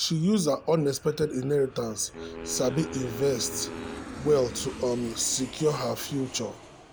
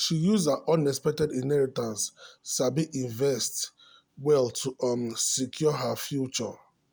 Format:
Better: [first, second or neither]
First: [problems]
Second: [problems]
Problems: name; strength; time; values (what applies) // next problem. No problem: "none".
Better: second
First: background sound (Wind instrument, woodwind instrument + Aircraft); 13 dB below the speech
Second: none